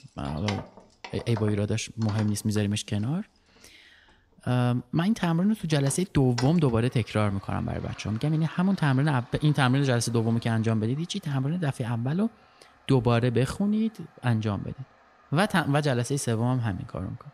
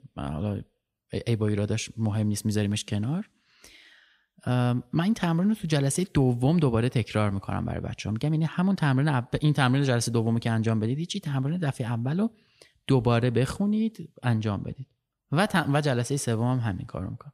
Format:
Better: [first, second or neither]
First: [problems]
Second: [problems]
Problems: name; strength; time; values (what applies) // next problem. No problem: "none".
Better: second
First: household noises; noticeable; throughout; 20 dB below the speech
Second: none